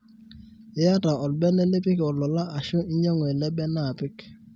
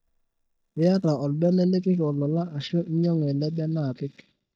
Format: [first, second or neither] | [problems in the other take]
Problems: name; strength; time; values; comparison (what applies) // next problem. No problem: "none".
first | noise reduction (neural mask model DeepFilterNet 3)